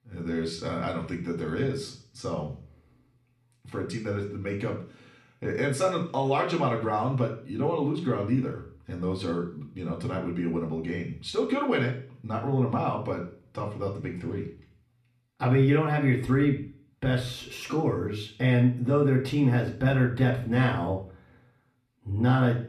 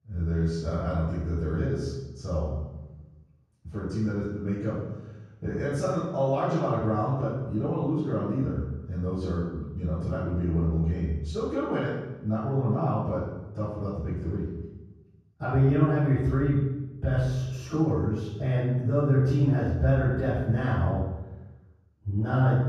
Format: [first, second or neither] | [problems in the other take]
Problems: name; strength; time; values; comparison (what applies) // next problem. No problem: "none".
first | room echo; strong; dies away in 1.3 s; slight in the first // off-mic speech; far; far in the first